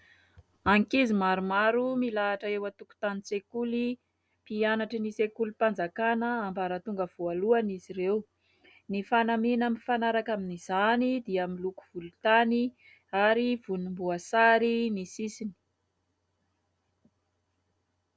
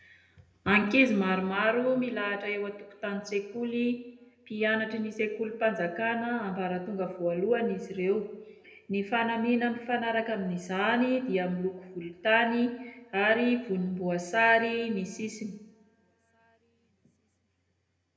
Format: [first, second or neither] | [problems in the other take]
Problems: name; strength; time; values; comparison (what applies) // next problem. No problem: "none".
first | room echo; dies away in 0.8 s